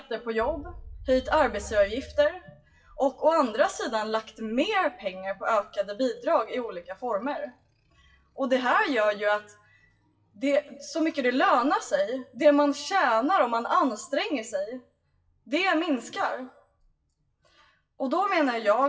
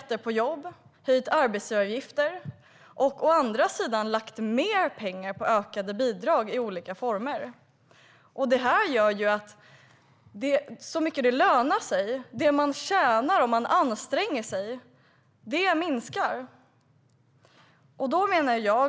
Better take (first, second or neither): second